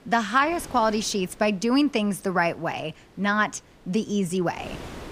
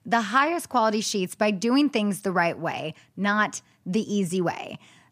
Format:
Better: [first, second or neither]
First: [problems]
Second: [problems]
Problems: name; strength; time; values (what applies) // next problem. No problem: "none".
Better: second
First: wind noise on the microphone; occasional gusts; 25 dB below the speech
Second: none